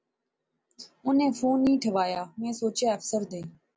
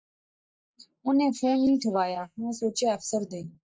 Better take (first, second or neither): first